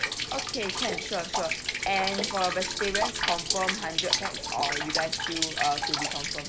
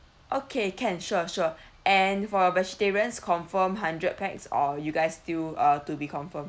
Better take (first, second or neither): second